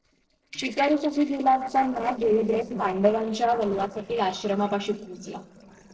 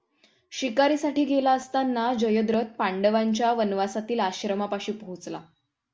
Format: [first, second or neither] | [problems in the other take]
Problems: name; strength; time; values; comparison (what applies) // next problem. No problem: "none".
second | noise reduction (neural separator model SepFormer DNS4)